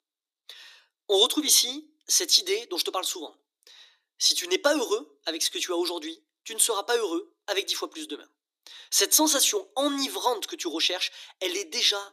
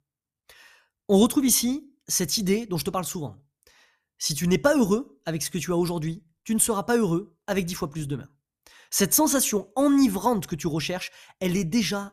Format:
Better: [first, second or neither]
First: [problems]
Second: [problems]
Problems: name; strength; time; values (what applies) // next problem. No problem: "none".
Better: second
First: thin; somewhat; fading below 300 Hz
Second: none